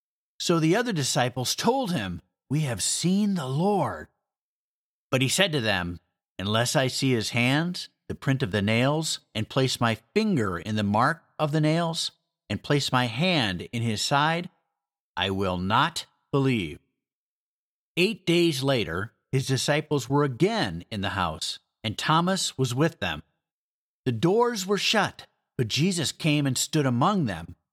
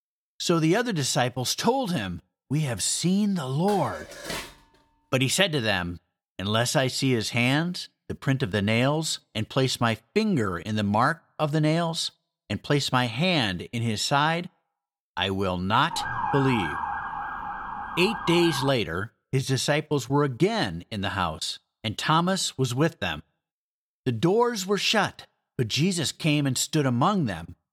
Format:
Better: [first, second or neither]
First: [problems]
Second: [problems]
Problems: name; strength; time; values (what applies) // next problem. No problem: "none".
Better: first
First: none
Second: clattering dishes; noticeable; at 3.5 s; peak 9 dB below the speech // siren; noticeable; from 16 to 19 s; peak 3 dB below the speech